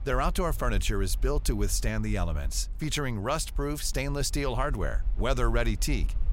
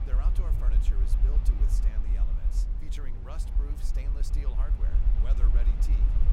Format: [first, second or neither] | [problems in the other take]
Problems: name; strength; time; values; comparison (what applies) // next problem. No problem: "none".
first | low rumble; loud; throughout; as loud as the speech; faint in the first